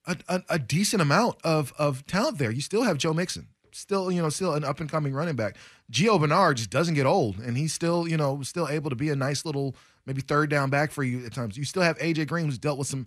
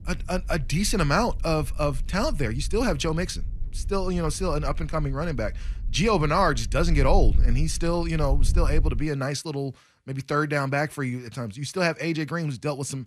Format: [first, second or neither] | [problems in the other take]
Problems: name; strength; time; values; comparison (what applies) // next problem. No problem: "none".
first | wind noise on the microphone; occasional gusts; until 9 s; 25 dB below the speech